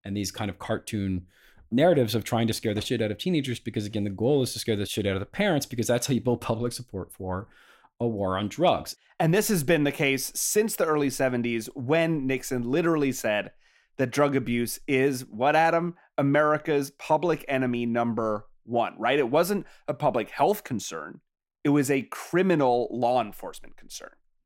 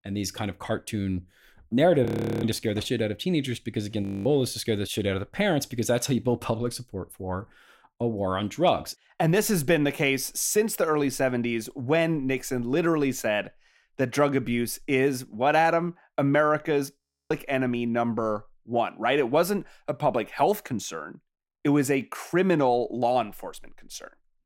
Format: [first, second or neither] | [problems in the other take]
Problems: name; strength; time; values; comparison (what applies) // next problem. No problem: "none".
first | audio freezing; at 2 s, at 4 s and at 17 s